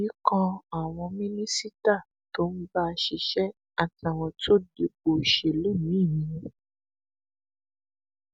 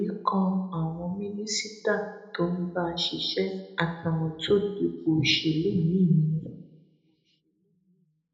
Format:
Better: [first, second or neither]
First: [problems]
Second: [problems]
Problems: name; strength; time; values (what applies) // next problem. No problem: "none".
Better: first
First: none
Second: room echo; dies away in 0.7 s